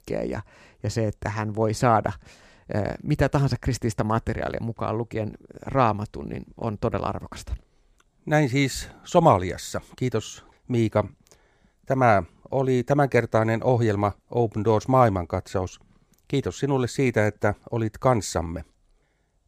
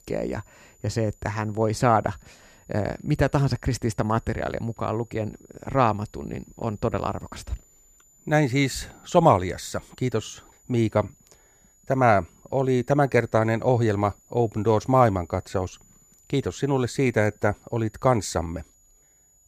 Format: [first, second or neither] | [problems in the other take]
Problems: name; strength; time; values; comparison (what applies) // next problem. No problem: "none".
first | high-pitched whine; faint; throughout; 7 kHz, 30 dB below the speech